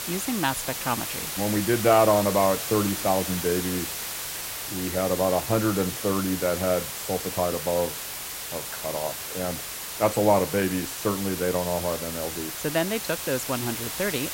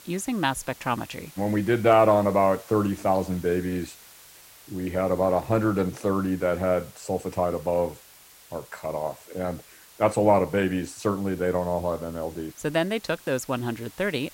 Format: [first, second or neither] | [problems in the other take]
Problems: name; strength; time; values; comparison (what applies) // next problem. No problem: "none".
second | hiss; loud; throughout; 5 dB below the speech; faint in the second